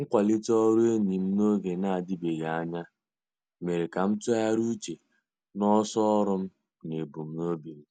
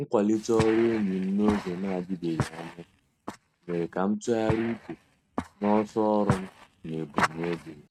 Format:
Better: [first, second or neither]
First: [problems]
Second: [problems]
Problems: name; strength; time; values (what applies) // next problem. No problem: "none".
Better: first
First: none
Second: noise reduction (neural mask model RNNoise)